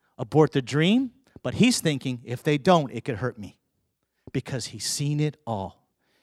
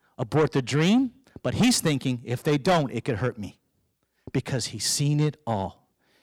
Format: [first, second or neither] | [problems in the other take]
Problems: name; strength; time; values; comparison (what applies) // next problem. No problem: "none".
first | distortion; heavy; 8 dB below the speech